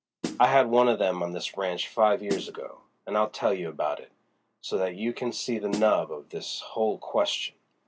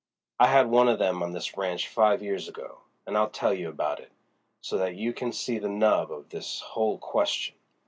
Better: second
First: background sound (Snare drum); 10 dB below the speech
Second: none

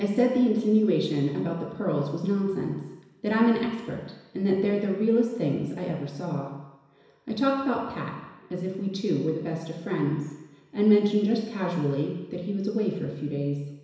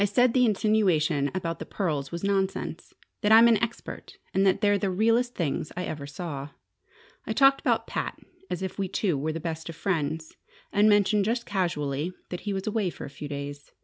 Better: second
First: room echo; dies away in 1 s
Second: none

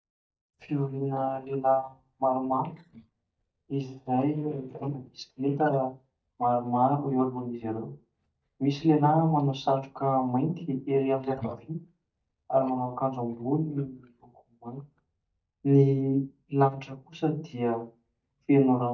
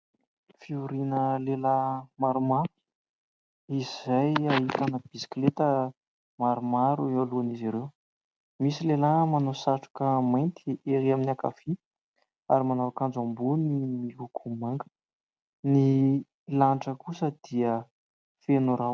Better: second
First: noise reduction (neural mask model DeepFilterNet 3)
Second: none

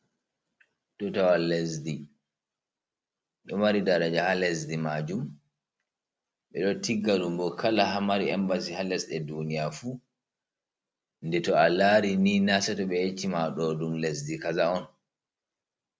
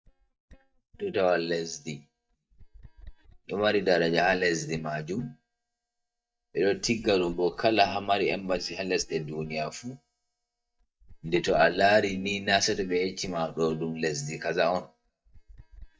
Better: first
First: none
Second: noise reduction (neural mask model DeepFilterNet 3)

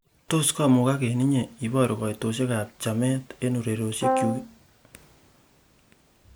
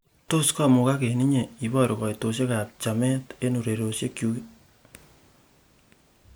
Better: second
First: background sound (Brass instrument); 1 dB below the speech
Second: none

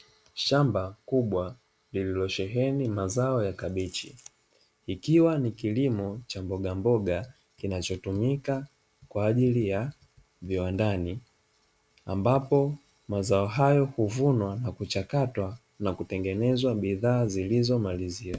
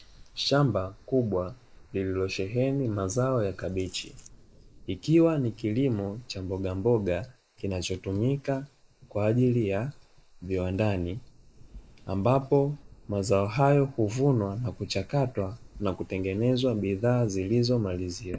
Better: first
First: none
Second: noise reduction (neural mask model Resemble Enhance denoiser)

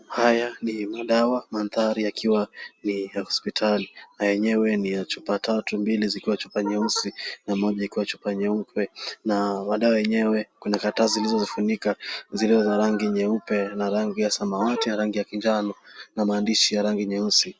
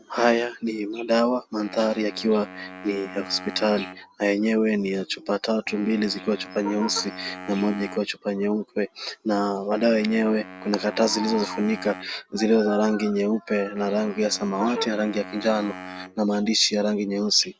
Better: first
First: none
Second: background sound (Wind instrument, woodwind instrument); 17 dB below the speech

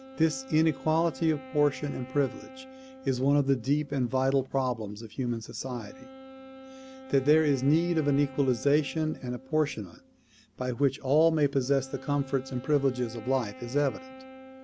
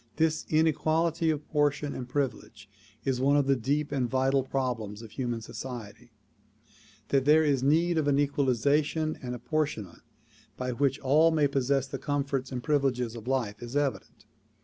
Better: second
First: background sound (Wind instrument, woodwind instrument); 18 dB below the speech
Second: none

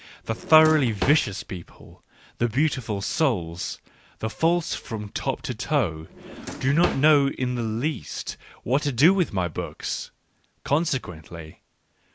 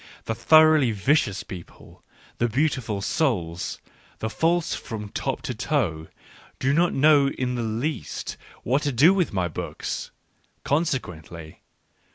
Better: second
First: background sound (Drawer open or close); 8 dB below the speech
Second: none

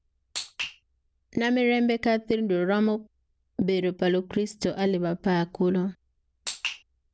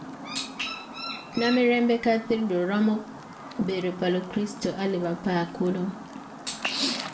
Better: first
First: none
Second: background sound (Chirp, tweet); 10 dB below the speech // room echo; dies away in 0.4 s

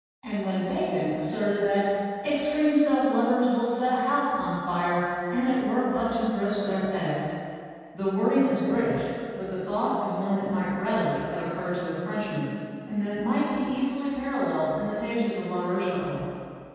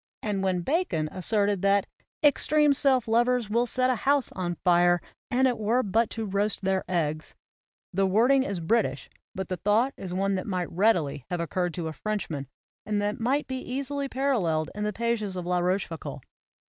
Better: second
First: room echo; dies away in 2.1 s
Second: none

